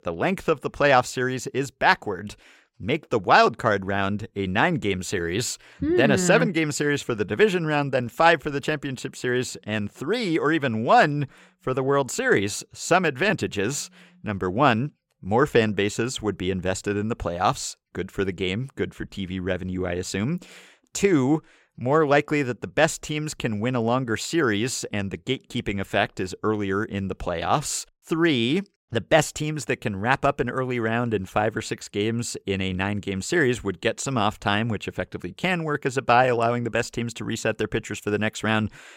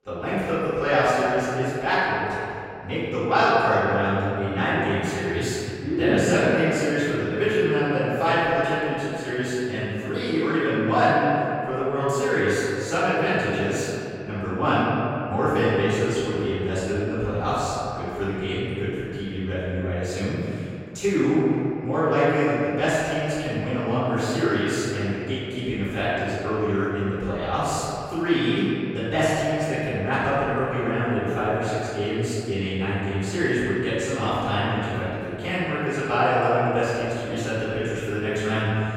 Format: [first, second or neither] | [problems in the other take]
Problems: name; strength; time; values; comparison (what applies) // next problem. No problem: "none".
first | off-mic speech; far // room echo; strong; dies away in 2.5 s